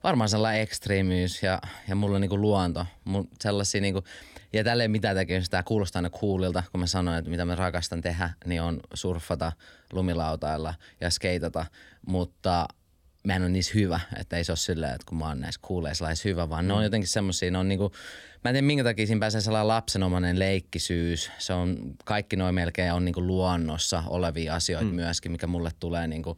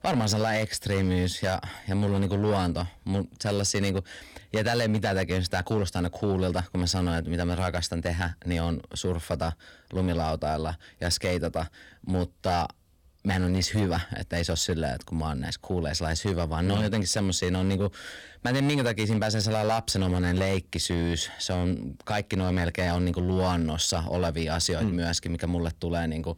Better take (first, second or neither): first